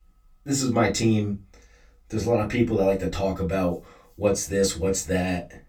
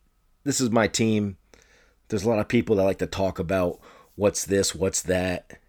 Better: second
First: off-mic speech; far // room echo; very slight; dies away in 0.2 s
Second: none

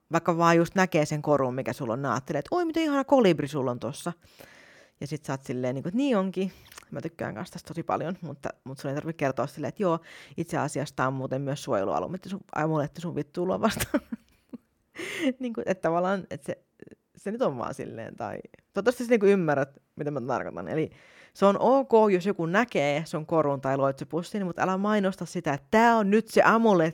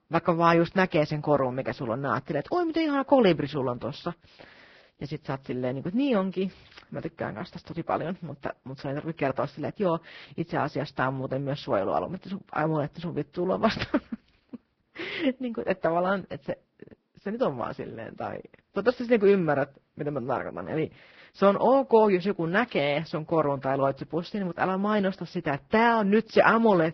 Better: first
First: none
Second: garbled, watery; badly; nothing above 5.5 kHz

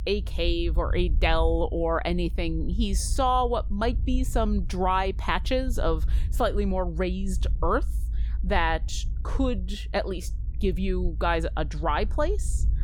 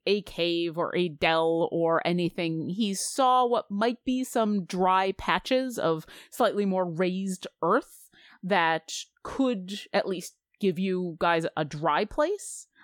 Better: second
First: low rumble; faint; throughout; 25 dB below the speech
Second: none

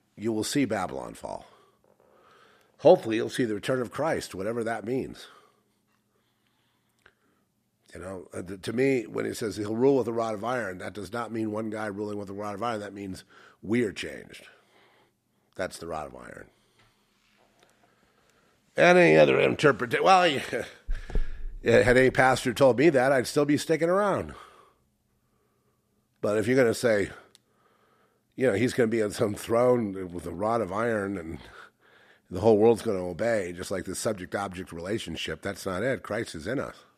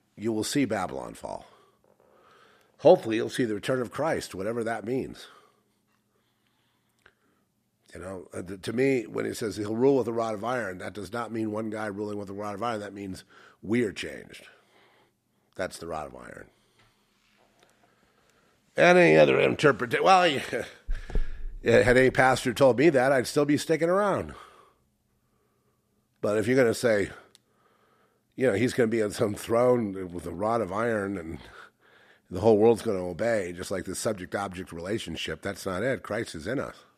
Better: neither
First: none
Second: none

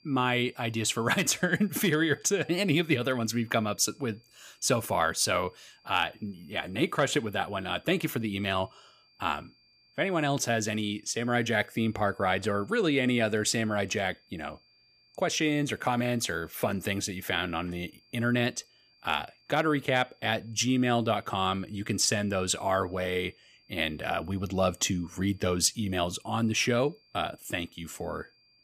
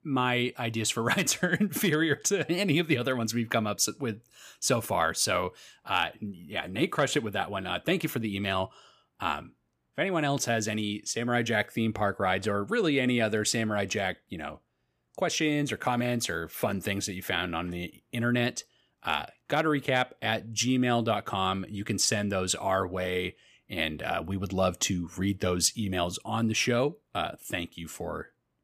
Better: second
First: high-pitched whine; faint; throughout; 4.5 kHz, 35 dB below the speech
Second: none

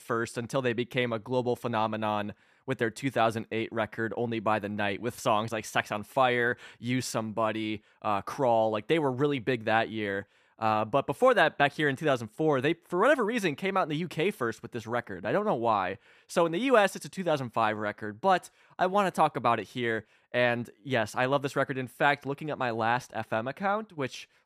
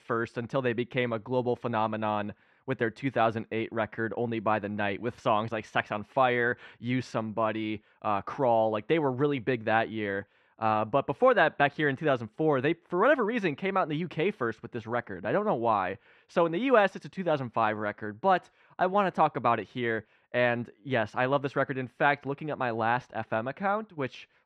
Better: first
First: none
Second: muffled; slightly; fading above 3 kHz

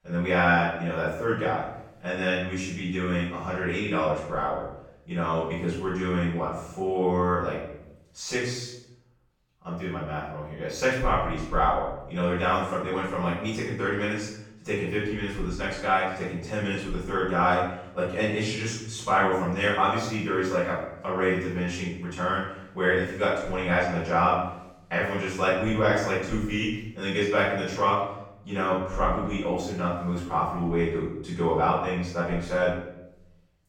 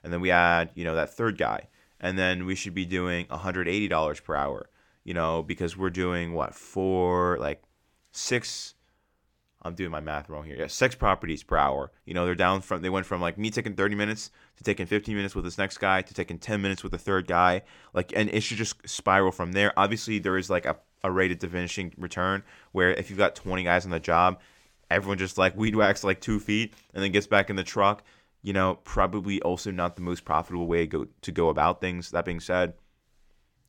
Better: second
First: off-mic speech; far // room echo; noticeable; dies away in 0.7 s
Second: none

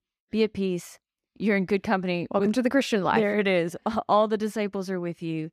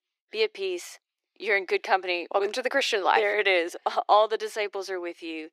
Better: first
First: none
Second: thin; very; fading below 350 Hz

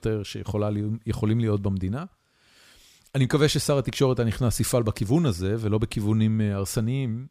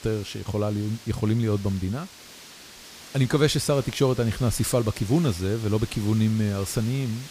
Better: first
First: none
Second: hiss; noticeable; throughout; 15 dB below the speech

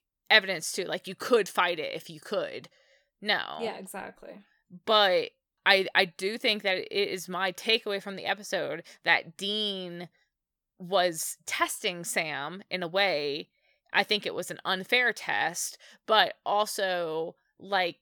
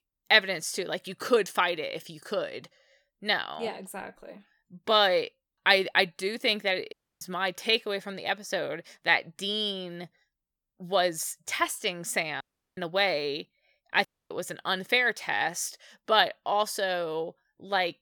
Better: first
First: none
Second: audio cutting out; at 7 s, at 12 s and at 14 s

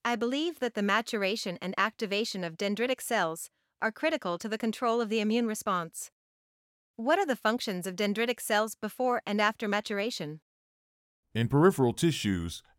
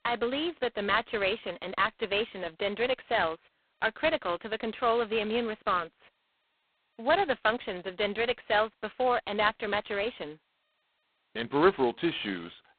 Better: first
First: none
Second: phone-call audio; poor line; nothing above 4 kHz

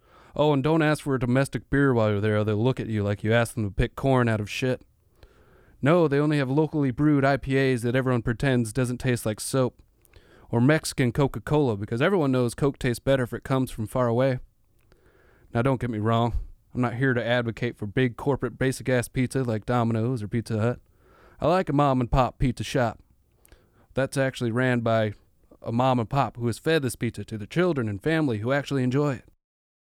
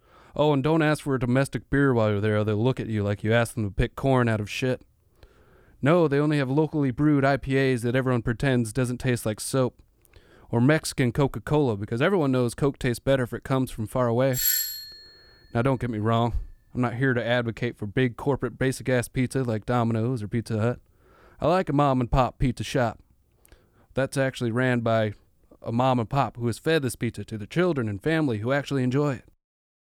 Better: first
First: none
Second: doorbell; loud; at 14 s; peak 3 dB above the speech

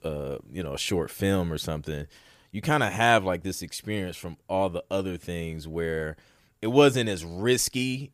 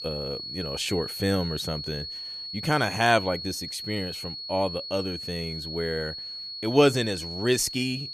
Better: first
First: none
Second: high-pitched whine; loud; throughout; 4.5 kHz, 7 dB below the speech

